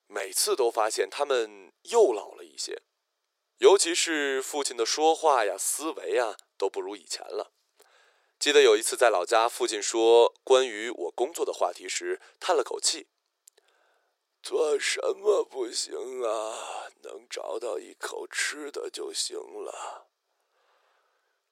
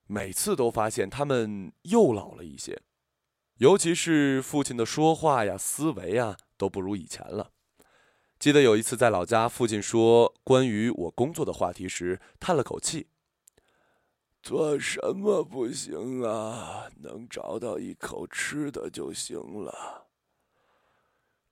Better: second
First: thin; very; fading below 400 Hz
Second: none

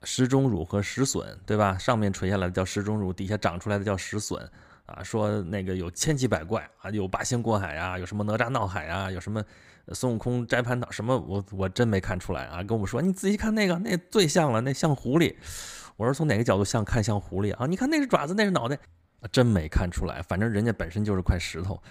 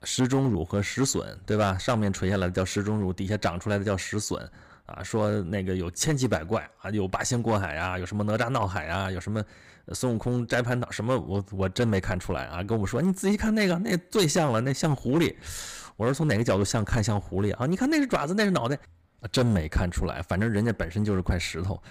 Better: first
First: none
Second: distortion; slight; 4% of the sound clipped

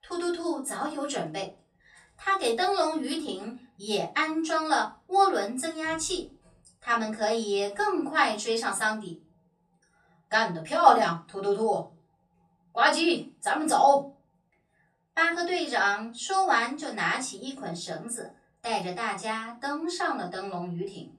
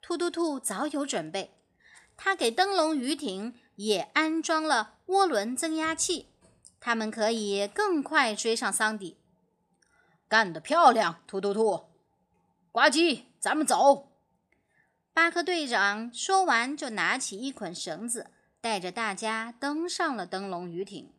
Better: second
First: off-mic speech; far // room echo; very slight; dies away in 0.2 s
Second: none

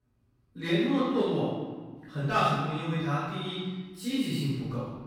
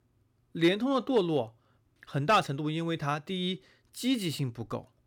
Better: second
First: room echo; strong; dies away in 1.2 s // off-mic speech; far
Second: none

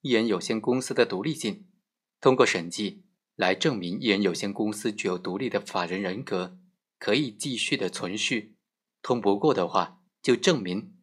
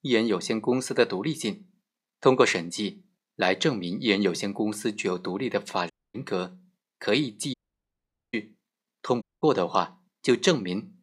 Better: first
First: none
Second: audio cutting out; at 6 s, at 7.5 s for 1 s and at 9 s

